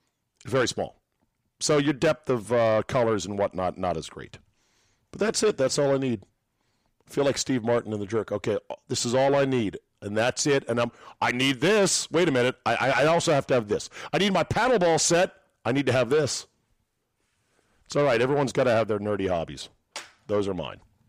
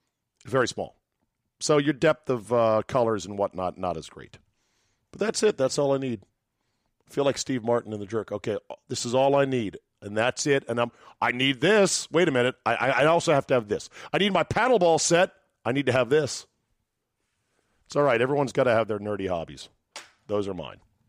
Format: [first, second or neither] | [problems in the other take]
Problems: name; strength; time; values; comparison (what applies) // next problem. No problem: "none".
second | distortion; slight; 10 dB below the speech